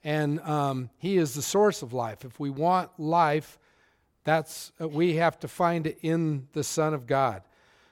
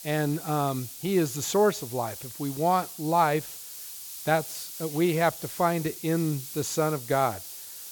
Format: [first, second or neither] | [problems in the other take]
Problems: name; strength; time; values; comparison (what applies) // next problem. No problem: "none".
first | hiss; noticeable; throughout; 10 dB below the speech